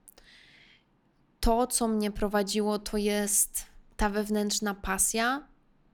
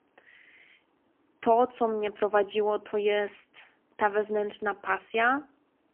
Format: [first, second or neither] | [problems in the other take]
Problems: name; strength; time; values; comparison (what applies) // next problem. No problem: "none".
first | phone-call audio; poor line; nothing above 3 kHz